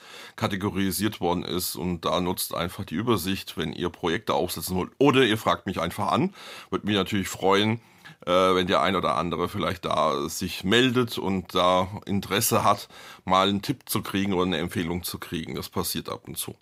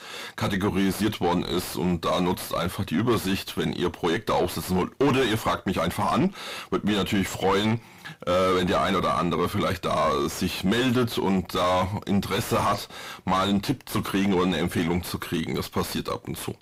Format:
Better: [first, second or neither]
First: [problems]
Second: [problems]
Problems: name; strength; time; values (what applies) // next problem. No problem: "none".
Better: first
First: none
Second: distortion; heavy; 5 dB below the speech